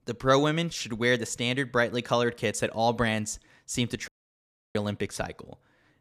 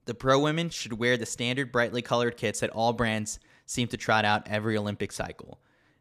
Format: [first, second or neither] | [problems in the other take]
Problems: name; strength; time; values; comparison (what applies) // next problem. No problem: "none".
second | audio cutting out; at 4 s for 0.5 s